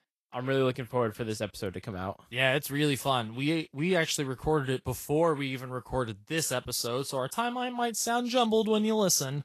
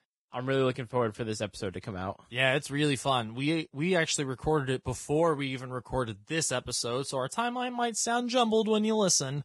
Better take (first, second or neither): first